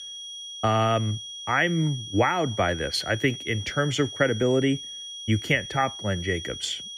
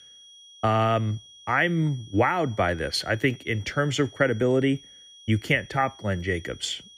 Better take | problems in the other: second | high-pitched whine; loud; throughout; 3.5 kHz, 10 dB below the speech; faint in the second

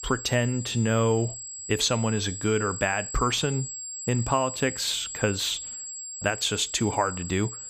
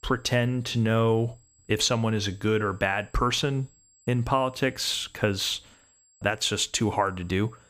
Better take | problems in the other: second | high-pitched whine; loud; throughout; 7.5 kHz, 8 dB below the speech; faint in the second

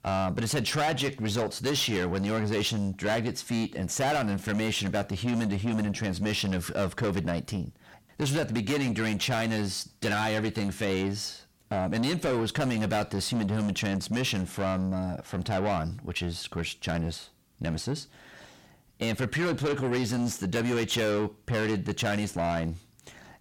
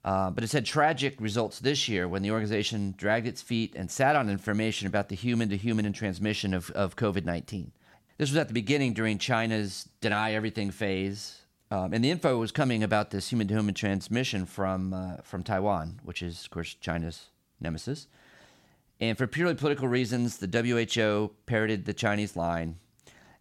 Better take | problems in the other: second | distortion; heavy; 7 dB below the speech

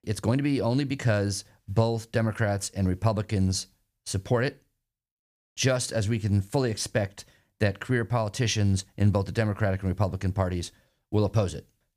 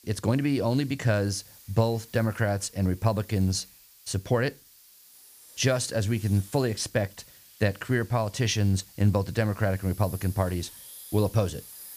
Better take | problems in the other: first | hiss; faint; throughout; 20 dB below the speech

